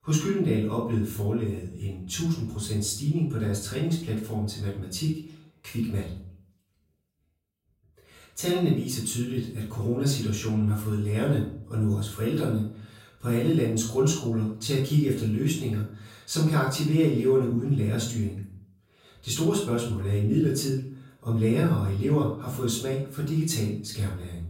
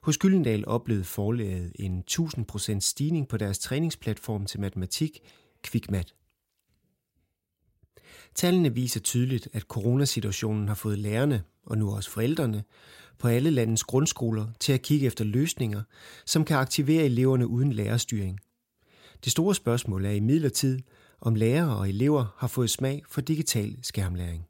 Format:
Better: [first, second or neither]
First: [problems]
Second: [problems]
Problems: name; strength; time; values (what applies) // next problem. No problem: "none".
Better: second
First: room echo; noticeable; dies away in 0.5 s // off-mic speech; far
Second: none